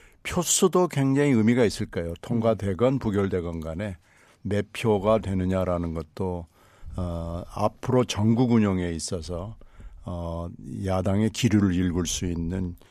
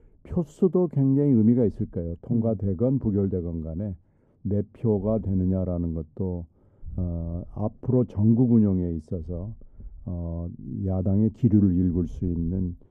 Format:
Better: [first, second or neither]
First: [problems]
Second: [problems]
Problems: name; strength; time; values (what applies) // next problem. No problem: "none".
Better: first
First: none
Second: muffled; very; fading above 1 kHz